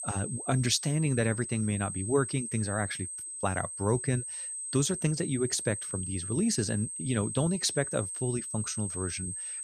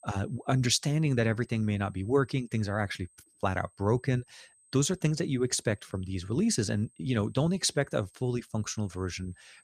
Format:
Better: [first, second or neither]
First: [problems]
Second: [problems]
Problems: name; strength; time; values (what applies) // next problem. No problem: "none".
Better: second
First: high-pitched whine; loud; throughout; 8.5 kHz, 5 dB below the speech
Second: high-pitched whine; faint; throughout; 8.5 kHz, 30 dB below the speech